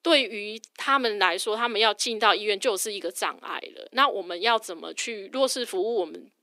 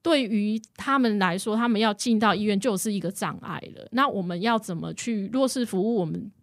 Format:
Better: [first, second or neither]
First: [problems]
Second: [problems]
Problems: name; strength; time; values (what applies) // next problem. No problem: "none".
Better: second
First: thin; very; fading below 300 Hz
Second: none